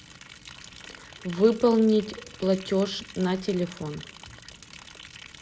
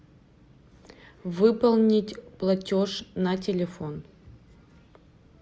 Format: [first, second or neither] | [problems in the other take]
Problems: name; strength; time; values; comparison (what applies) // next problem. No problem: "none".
second | background sound (Liquid); 19 dB below the speech